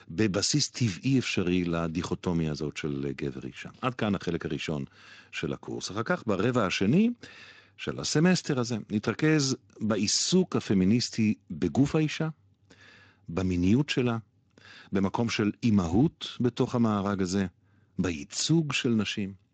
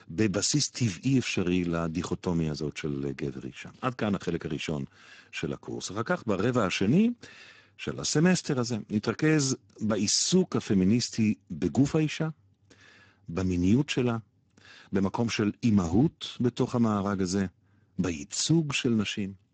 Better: first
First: garbled, watery; slightly; nothing above 7.5 kHz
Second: garbled, watery; badly; nothing above 7.5 kHz

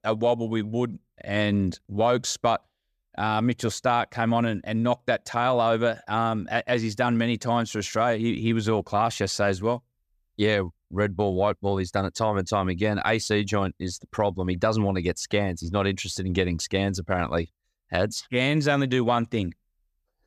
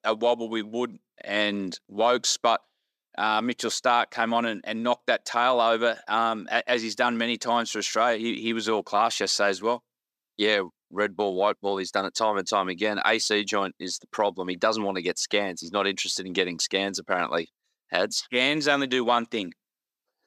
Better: first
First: none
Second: thin; somewhat; fading below 250 Hz

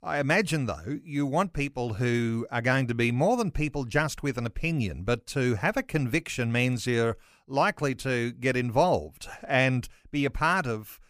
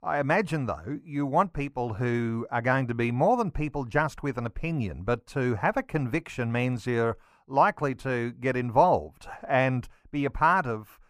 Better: first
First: none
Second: muffled; slightly; fading above 2.5 kHz

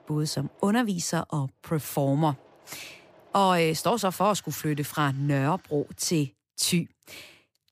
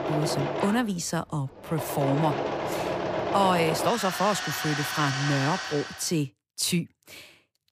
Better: first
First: machinery noise; faint; until 6 s; 30 dB below the speech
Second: machinery noise; loud; until 6 s; 3 dB below the speech

